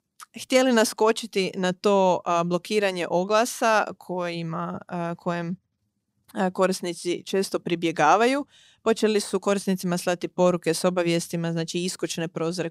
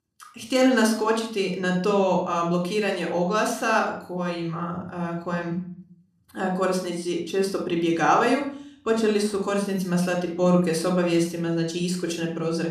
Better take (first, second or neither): first